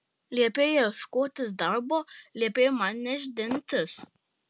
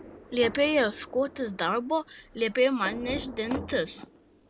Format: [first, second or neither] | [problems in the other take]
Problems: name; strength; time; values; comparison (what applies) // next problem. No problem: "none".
first | background sound (Thunder); 14 dB below the speech